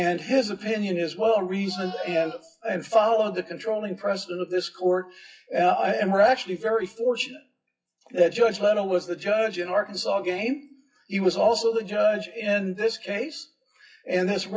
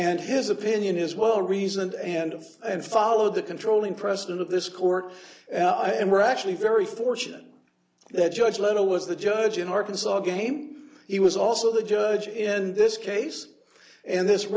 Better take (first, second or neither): second